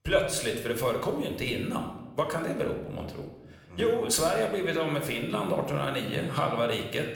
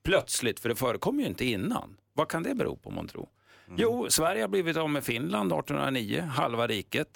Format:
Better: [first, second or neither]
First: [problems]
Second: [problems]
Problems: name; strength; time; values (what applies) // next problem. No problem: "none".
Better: second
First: room echo; slight; dies away in 0.8 s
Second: none